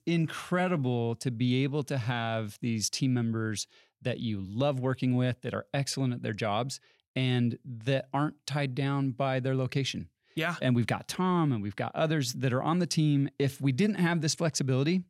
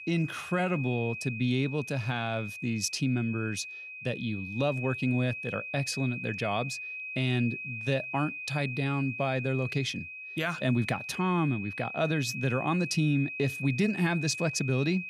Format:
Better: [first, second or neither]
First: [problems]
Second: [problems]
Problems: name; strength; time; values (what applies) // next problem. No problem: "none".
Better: first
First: none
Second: high-pitched whine; loud; throughout; 2.5 kHz, 7 dB below the speech